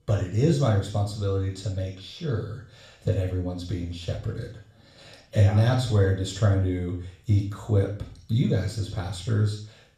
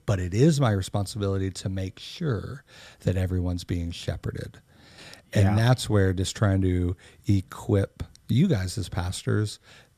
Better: second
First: room echo; noticeable; dies away in 0.4 s // off-mic speech; far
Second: none

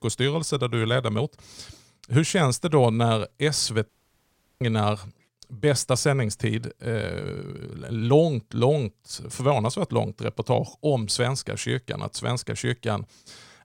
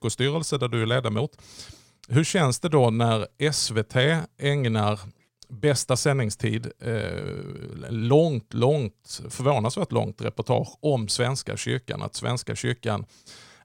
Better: second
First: audio cutting out; at 4 s for 0.5 s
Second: none

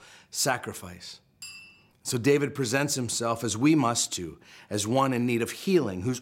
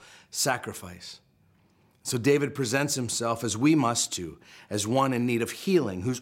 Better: second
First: clattering dishes; faint; at 1.5 s; peak 15 dB below the speech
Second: none

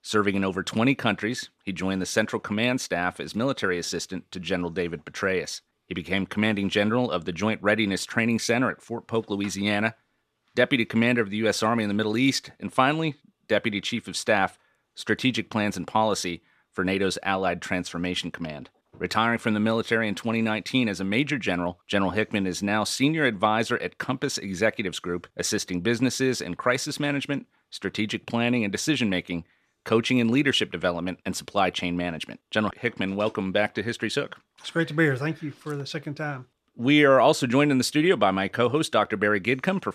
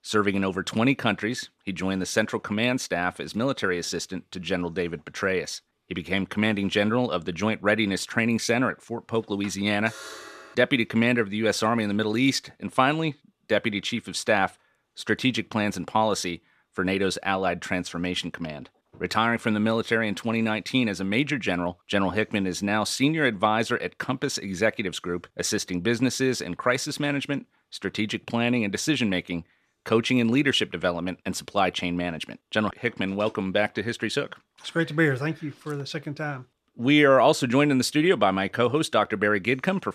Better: first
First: none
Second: alarm; faint; at 10 s; peak 15 dB below the speech

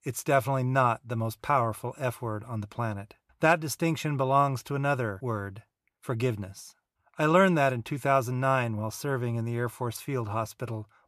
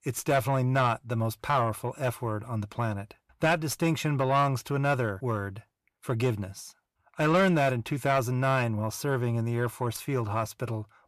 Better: first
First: none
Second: distortion; slight; 10 dB below the speech

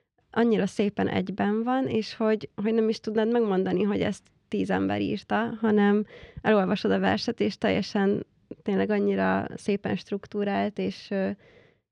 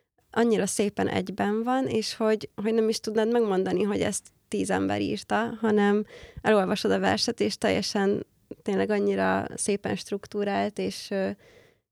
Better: second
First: muffled; very slightly; fading above 3 kHz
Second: none

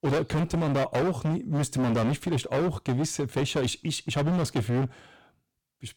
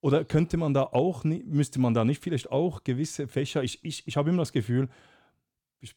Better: second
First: distortion; heavy; 23% of the sound clipped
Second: none

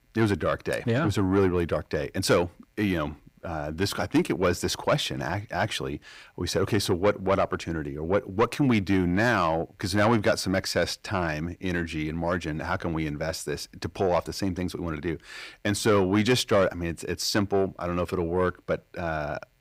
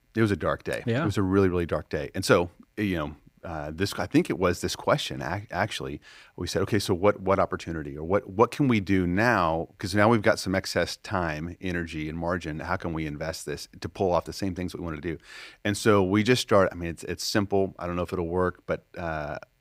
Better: second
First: distortion; slight; 10 dB below the speech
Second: none

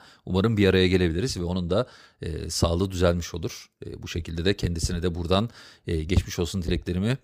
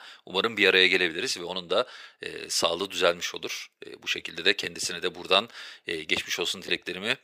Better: first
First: none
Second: thin; very; fading below 500 Hz

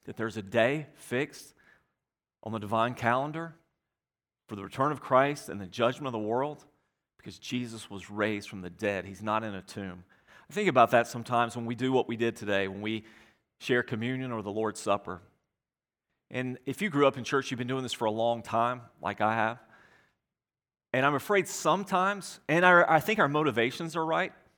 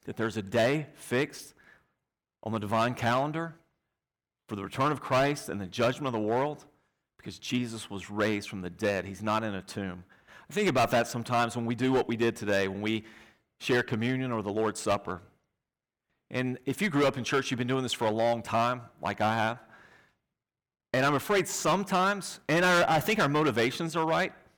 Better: first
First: none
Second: distortion; heavy; 6% of the sound clipped

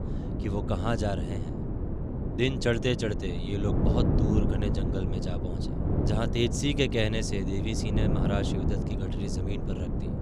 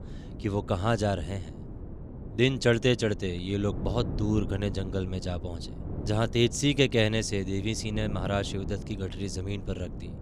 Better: second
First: wind noise on the microphone; heavy; 4 dB below the speech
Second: wind noise on the microphone; occasional gusts; 15 dB below the speech

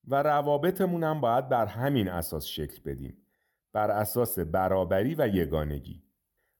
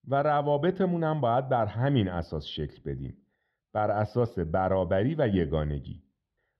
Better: first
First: none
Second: muffled; very slightly; fading above 4 kHz

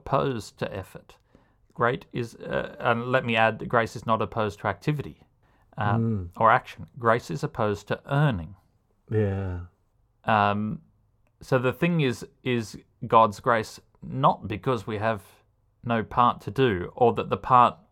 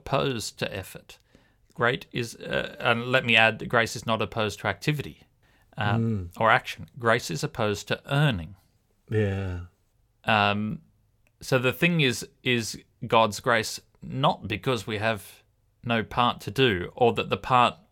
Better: second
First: muffled; slightly; fading above 1.5 kHz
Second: none

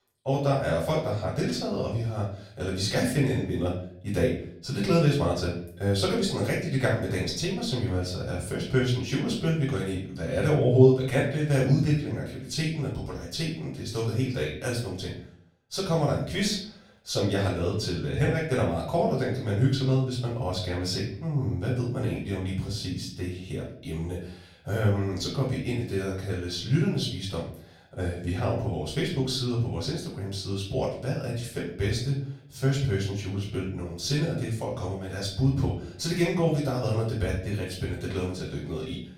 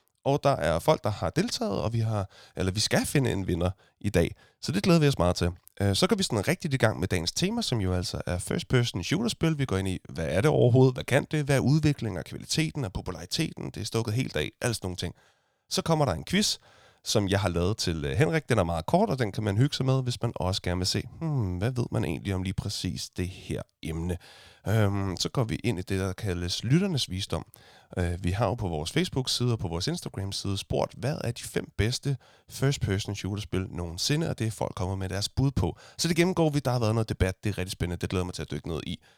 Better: second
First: off-mic speech; far // room echo; noticeable; dies away in 0.5 s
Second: none

